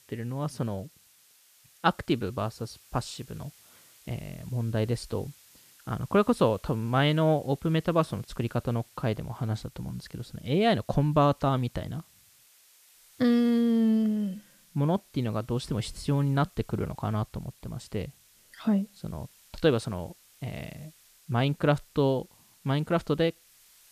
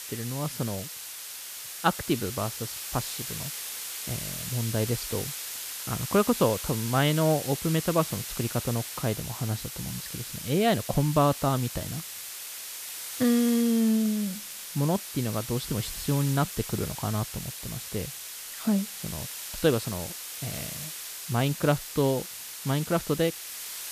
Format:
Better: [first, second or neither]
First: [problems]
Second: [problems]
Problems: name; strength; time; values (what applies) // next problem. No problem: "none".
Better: first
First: hiss; faint; throughout; 25 dB below the speech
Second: hiss; loud; throughout; 7 dB below the speech